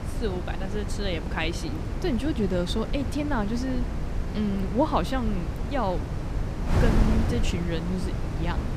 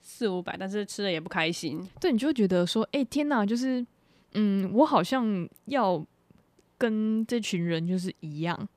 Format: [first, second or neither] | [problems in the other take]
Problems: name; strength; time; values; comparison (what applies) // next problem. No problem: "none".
second | wind noise on the microphone; heavy; 6 dB below the speech